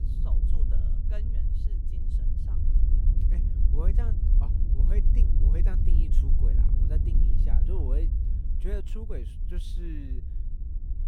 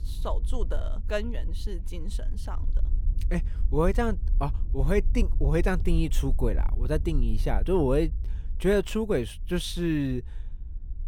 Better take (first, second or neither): second